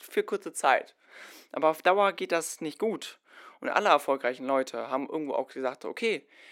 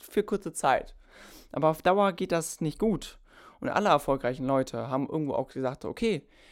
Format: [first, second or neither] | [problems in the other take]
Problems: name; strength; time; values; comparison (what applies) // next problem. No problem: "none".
second | thin; somewhat; fading below 300 Hz